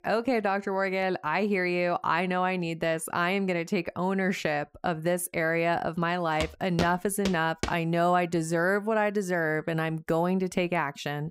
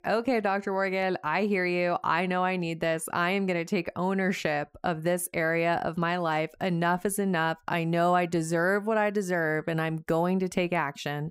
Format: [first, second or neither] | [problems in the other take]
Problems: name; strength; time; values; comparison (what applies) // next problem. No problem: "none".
second | footsteps; noticeable; from 6.5 to 7.5 s; peak 6 dB below the speech